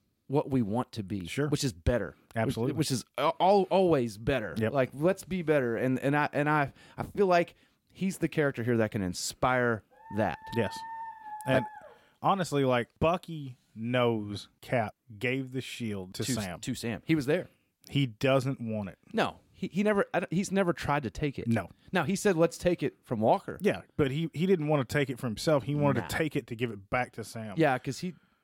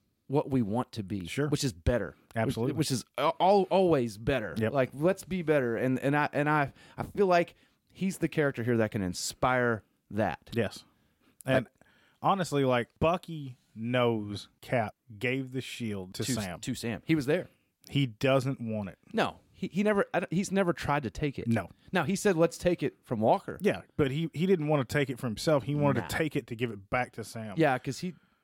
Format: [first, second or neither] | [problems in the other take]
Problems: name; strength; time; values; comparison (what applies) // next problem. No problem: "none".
second | dog barking; faint; from 10 to 12 s; peak 10 dB below the speech